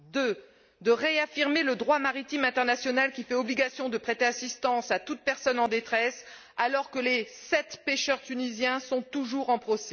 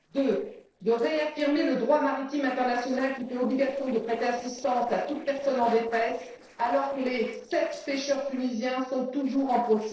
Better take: first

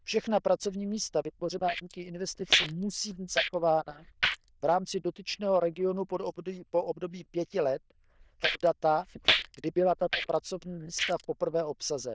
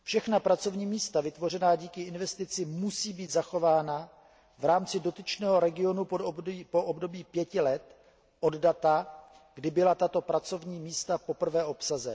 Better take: second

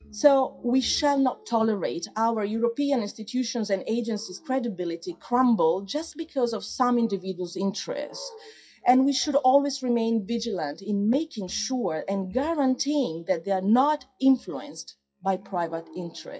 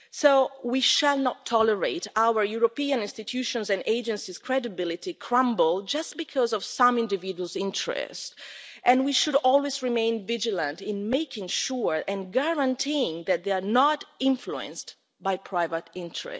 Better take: second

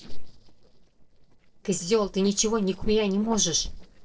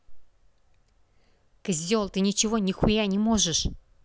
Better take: second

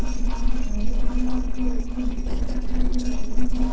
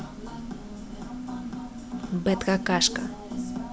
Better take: second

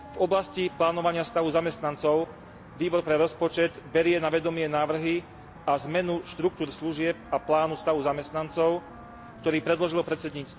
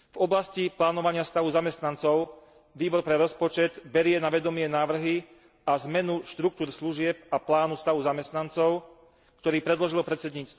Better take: second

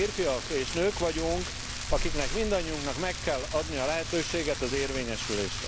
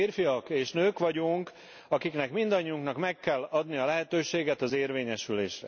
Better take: second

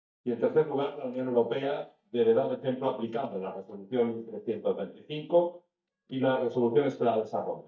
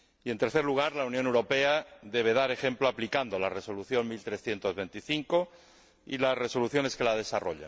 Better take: second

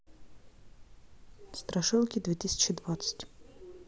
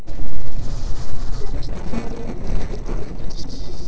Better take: first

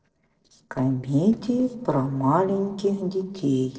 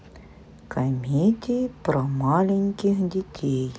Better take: second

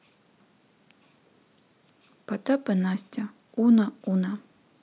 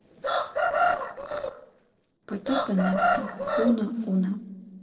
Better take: first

